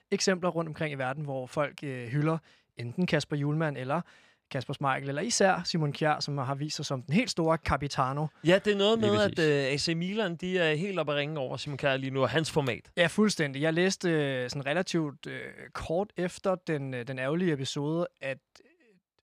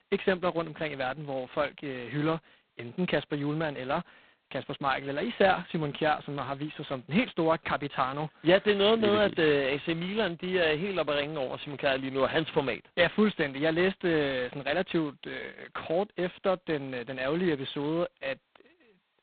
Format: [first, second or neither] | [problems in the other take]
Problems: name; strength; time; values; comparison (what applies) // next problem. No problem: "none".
first | phone-call audio; poor line; nothing above 4 kHz